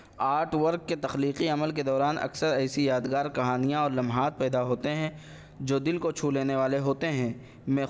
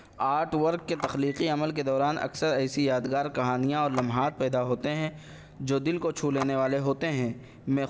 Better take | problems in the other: first | background sound (Telephone); 18 dB below the speech

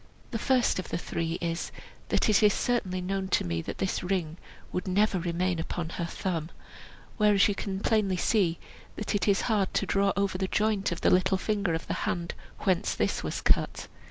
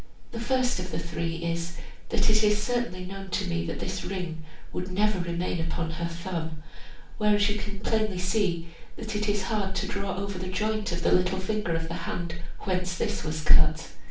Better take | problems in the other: first | room echo; dies away in 0.4 s

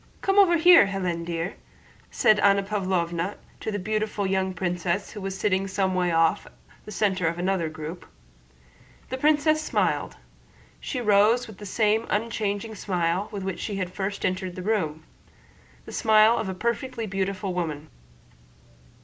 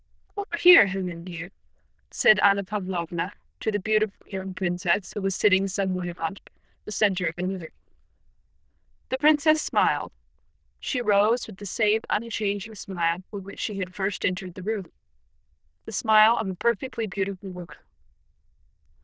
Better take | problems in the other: first | noise reduction (neural diffusion model UNIVERSE++)

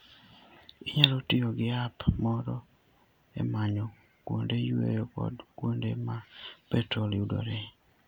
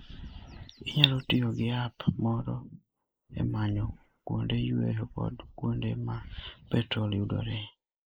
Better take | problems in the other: first | noise reduction (neural mask model Resemble Enhance denoiser)

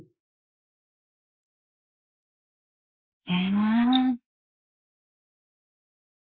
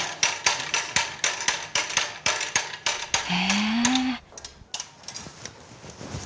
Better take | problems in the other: second | noise reduction (neural mask model Resemble Enhance denoiser)

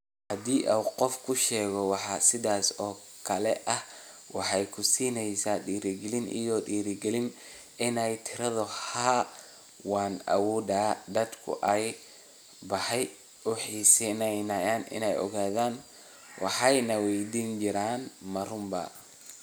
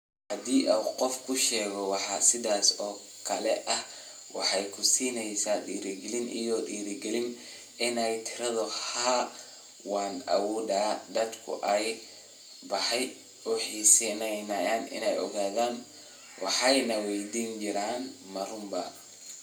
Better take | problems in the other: first | room echo; dies away in 0.2 s

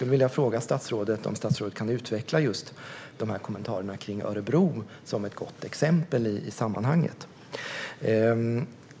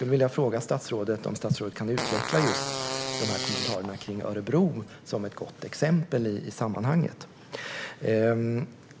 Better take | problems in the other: first | background sound (Fart); 5 dB below the speech

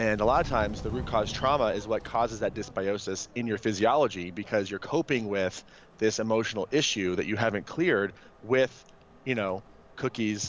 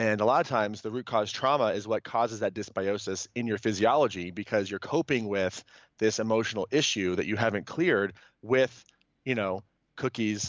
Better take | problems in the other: second | background sound (Subway, metro, underground); 15 dB below the speech

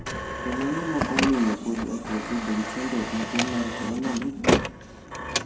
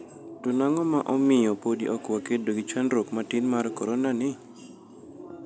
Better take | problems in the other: second | background sound (Printer); 1 dB below the speech // room echo; dies away in 0.5 s

